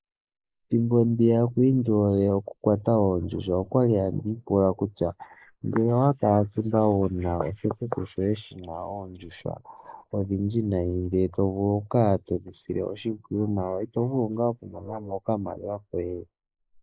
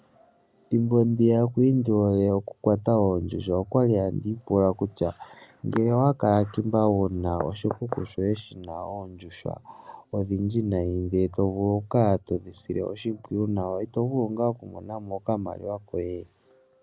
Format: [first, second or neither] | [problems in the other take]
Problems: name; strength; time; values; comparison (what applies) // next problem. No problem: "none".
second | noise reduction (neural mask model Resemble Enhance denoiser)